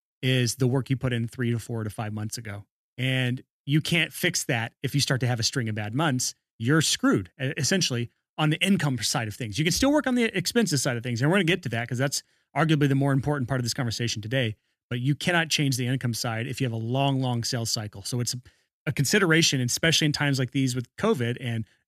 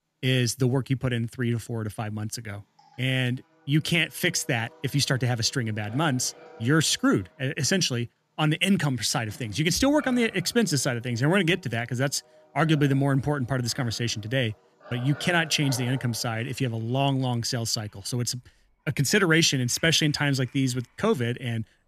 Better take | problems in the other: first | animal sounds; faint; throughout; 25 dB below the speech

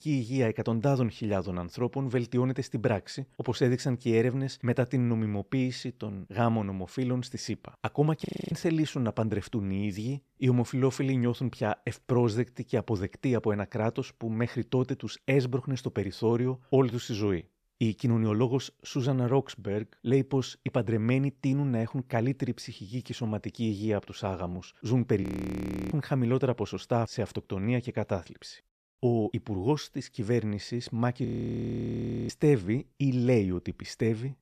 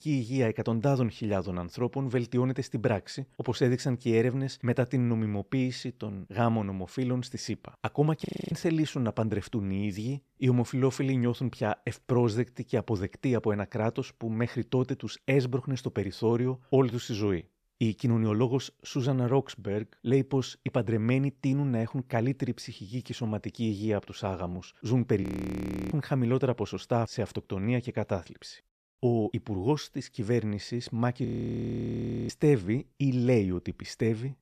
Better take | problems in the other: neither | audio freezing; at 8.5 s, at 25 s for 0.5 s and at 31 s for 1 s; the same in both

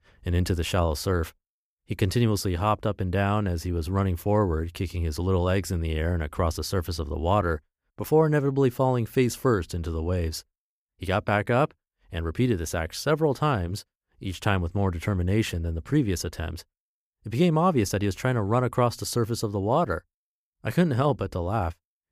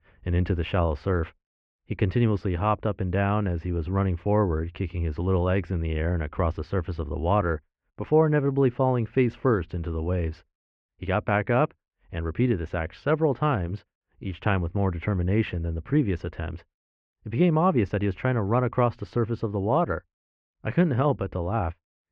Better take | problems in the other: first | muffled; very; fading above 2.5 kHz

